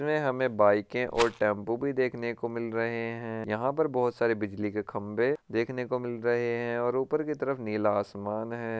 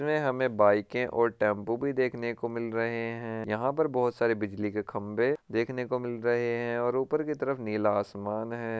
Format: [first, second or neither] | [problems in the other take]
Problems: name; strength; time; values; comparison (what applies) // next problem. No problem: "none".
second | background sound (Rattle); 10 dB below the speech